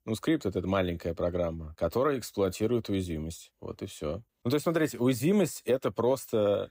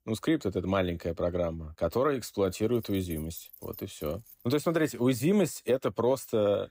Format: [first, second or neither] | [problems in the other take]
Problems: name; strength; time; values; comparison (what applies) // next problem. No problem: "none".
first | jangling keys; faint; from 3 to 4.5 s; peak 15 dB below the speech